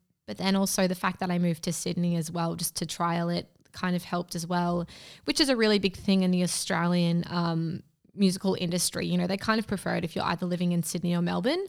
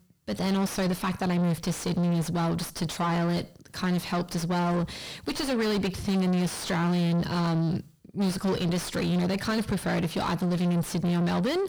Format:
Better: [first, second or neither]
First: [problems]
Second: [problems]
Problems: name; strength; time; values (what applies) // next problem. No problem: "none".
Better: first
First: none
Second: distortion; heavy; 5 dB below the speech